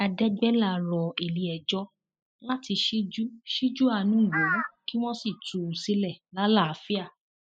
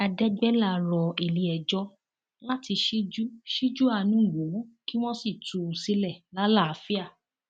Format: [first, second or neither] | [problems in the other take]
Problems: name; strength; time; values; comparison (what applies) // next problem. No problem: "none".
second | noise reduction (classical method spectral subtraction)